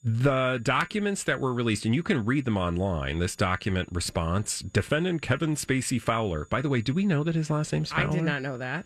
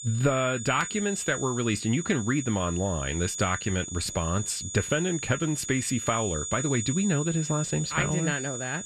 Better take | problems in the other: first | high-pitched whine; loud; throughout; 7 kHz, 6 dB below the speech; faint in the first

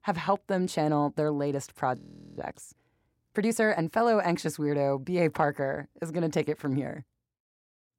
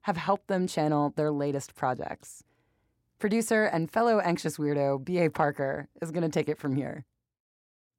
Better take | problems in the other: second | audio freezing; at 2 s

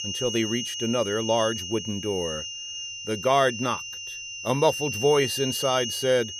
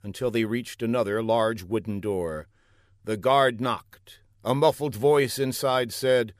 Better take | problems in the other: second | high-pitched whine; loud; throughout; 3 kHz, 5 dB below the speech

